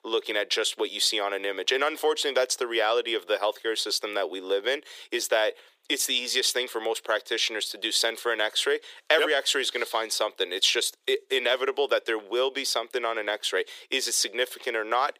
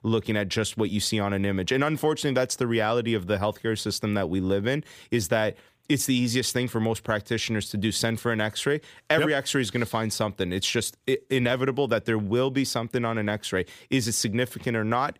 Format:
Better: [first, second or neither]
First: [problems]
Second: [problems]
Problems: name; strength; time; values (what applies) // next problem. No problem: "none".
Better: second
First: thin; very; fading below 350 Hz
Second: none